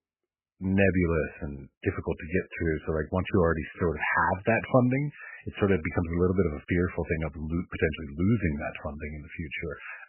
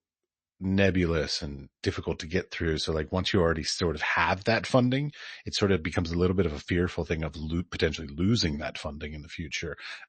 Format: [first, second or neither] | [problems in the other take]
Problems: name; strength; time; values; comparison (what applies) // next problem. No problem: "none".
second | garbled, watery; badly; nothing above 2.5 kHz; slightly in the second